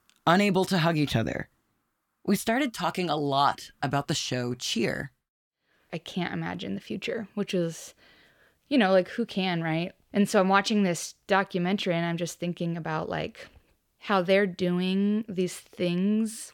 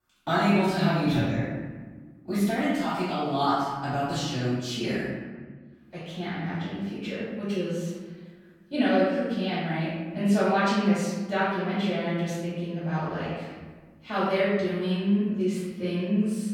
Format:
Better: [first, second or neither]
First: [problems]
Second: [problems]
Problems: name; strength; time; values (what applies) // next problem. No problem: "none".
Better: first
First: none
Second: off-mic speech; far // room echo; strong; dies away in 1.4 s